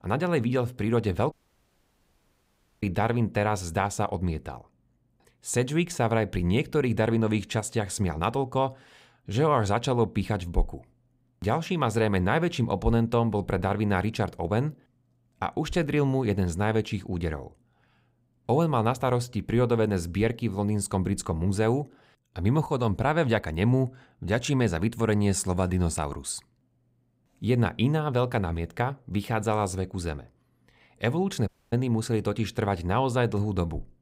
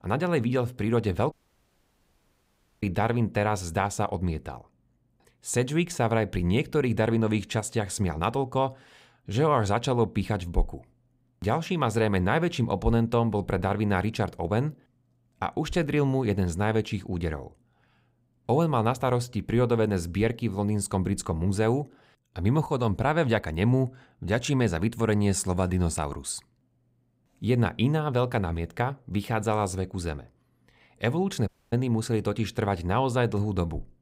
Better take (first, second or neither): neither